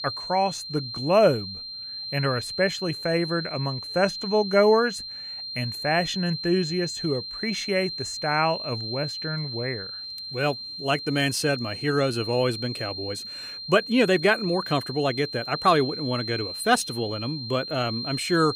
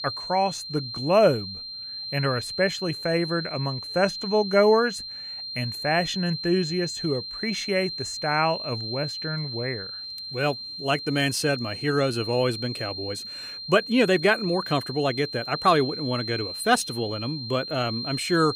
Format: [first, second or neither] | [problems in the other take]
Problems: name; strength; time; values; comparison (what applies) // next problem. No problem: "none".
neither | high-pitched whine; loud; throughout; 4 kHz, 7 dB below the speech; the same in both